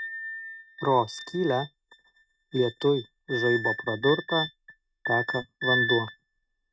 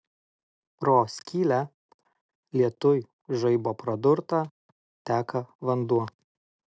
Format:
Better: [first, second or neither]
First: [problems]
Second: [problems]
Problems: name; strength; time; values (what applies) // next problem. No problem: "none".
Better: second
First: noise reduction (neural mask model RNNoise)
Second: none